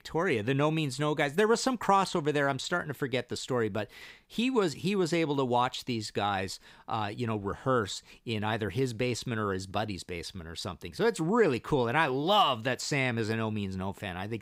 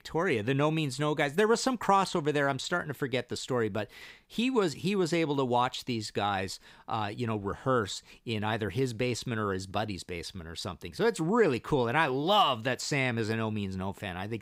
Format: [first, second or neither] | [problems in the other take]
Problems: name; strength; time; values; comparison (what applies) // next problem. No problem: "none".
neither | none